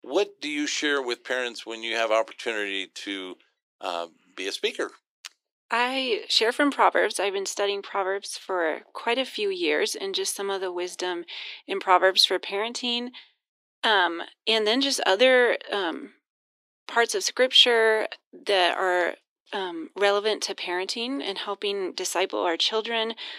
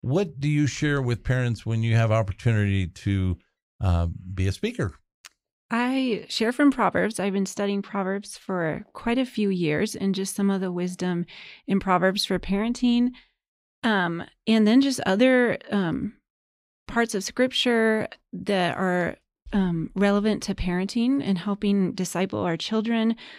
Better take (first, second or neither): second